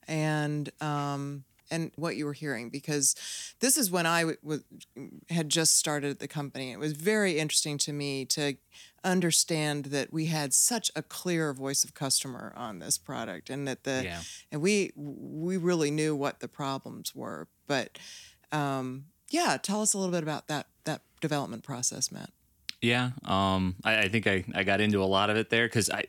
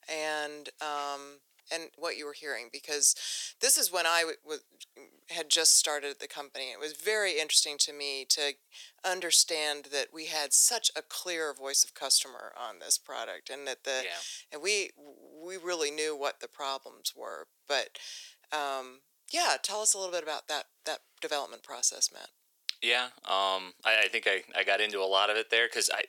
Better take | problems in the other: first | thin; very; fading below 500 Hz

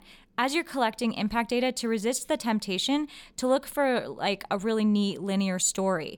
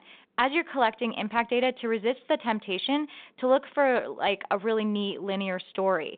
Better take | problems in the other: first | phone-call audio; nothing above 3.5 kHz

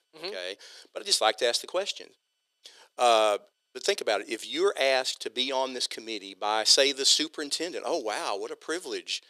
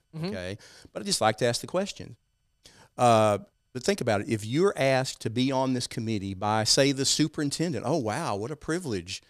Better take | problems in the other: second | thin; very; fading below 400 Hz

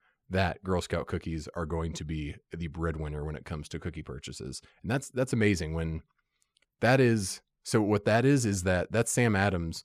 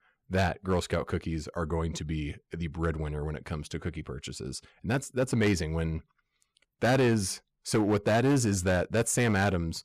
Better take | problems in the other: first | distortion; slight; 5% of the sound clipped

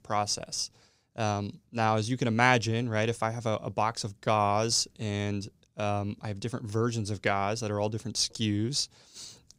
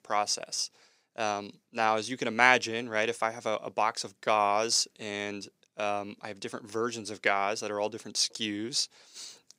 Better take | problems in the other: first | thin; somewhat; fading below 300 Hz

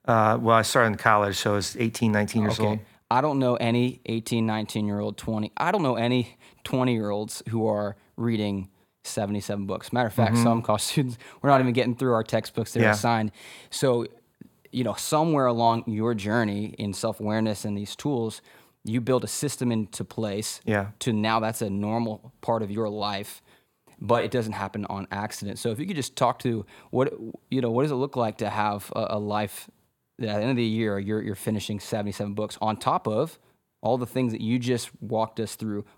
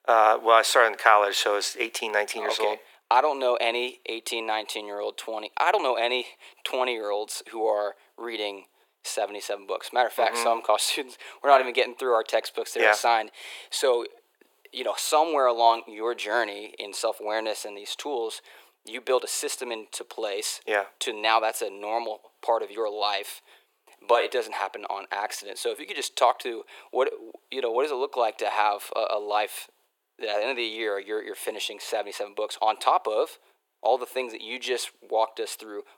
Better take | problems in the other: first | thin; very; fading below 400 Hz

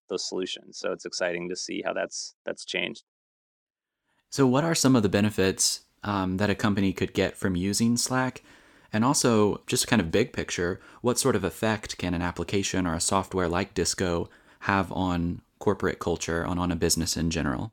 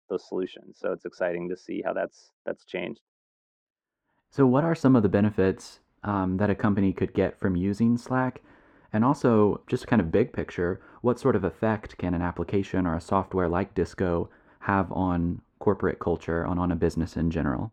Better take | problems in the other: first | muffled; very; fading above 3 kHz

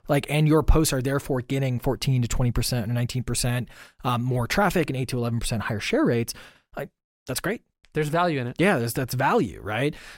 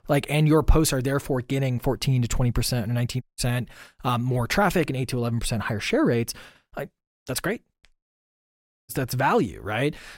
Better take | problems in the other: first | audio cutting out; at 3 s and at 8 s for 1 s

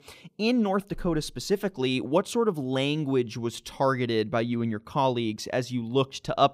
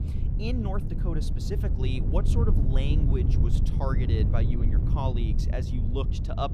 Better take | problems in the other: first | wind noise on the microphone; heavy; 3 dB below the speech

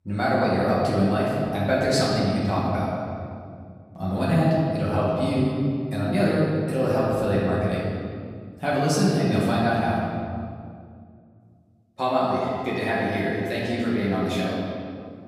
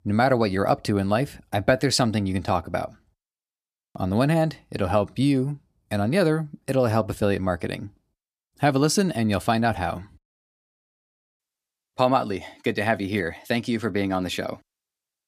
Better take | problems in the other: second | off-mic speech; far // room echo; strong; dies away in 2.2 s

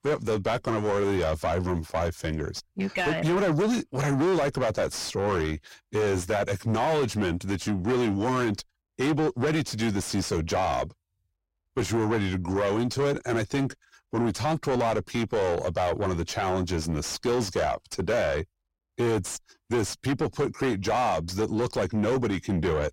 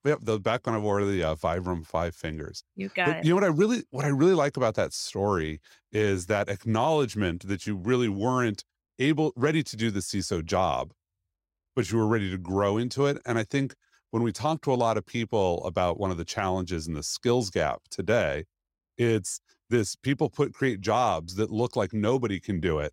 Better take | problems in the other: second | distortion; heavy; 5 dB below the speech

